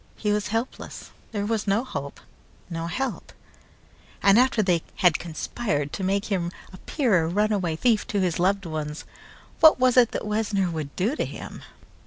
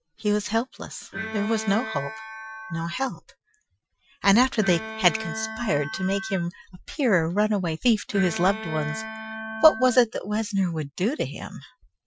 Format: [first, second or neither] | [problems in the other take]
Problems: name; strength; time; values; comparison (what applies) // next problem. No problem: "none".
first | noise reduction (classical method Wiener filter)